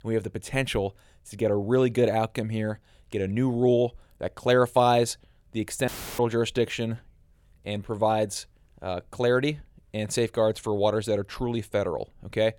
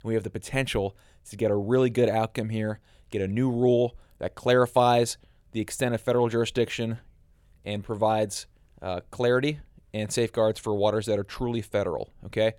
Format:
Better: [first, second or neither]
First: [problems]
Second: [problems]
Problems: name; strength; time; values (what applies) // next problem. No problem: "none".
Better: second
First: audio cutting out; filled with static; at 6 s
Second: none